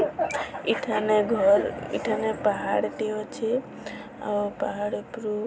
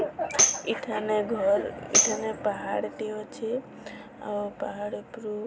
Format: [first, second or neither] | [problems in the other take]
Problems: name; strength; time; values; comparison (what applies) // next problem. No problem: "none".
first | background sound (Tambourine); 1 dB above the speech